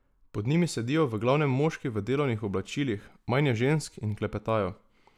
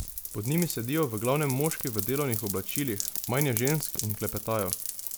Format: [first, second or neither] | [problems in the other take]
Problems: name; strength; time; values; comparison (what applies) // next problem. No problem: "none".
first | background sound (Rain); 5 dB below the speech